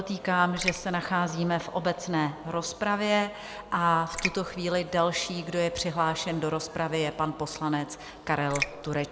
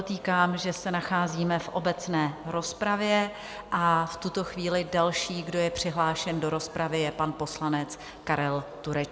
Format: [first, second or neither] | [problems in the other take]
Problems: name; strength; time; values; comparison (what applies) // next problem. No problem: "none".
second | background sound (Raindrop); 7 dB below the speech